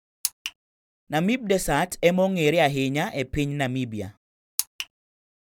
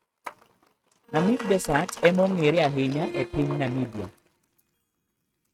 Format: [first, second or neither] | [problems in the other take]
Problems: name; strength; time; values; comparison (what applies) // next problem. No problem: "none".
first | noise reduction (neural mask model RNNoise)